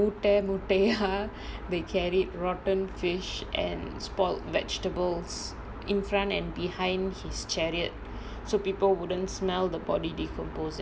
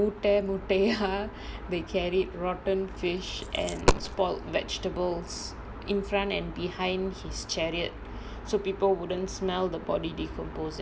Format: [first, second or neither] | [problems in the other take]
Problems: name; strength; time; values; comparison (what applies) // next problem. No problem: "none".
first | background sound (Coin (dropping)); as loud as the speech